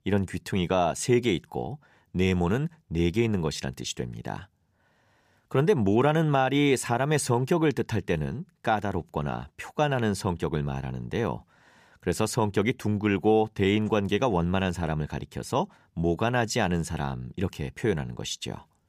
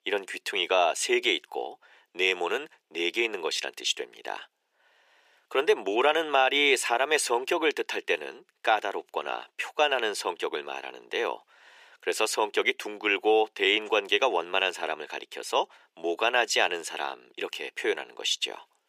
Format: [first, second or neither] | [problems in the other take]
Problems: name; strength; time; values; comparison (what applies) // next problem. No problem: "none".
first | thin; very; fading below 400 Hz